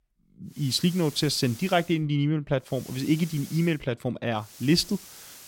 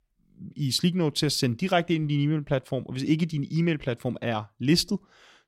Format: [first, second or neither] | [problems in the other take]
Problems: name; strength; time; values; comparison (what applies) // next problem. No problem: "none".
second | hiss; noticeable; from 0.5 to 2 s, at 2.5 s and from 4.5 s on; 15 dB below the speech